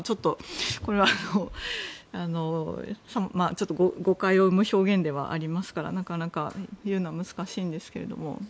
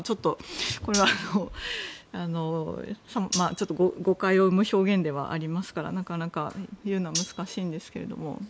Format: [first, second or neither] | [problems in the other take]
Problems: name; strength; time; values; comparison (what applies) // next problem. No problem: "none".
first | background sound (Cutlery, silverware); 10 dB below the speech